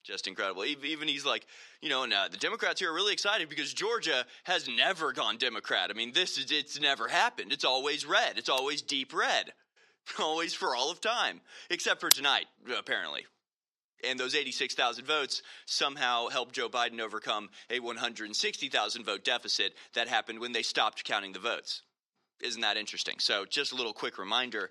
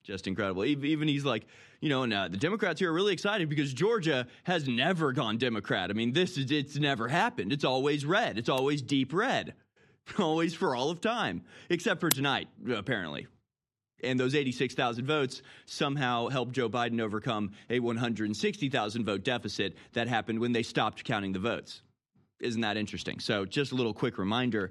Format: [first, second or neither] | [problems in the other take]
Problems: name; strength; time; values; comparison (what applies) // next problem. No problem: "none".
second | thin; very; fading below 600 Hz